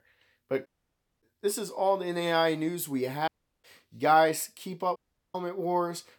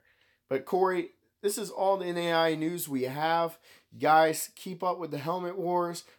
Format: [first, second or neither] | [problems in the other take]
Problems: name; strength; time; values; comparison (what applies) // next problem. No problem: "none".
second | audio cutting out; at 0.5 s for 0.5 s, at 3.5 s and at 5 s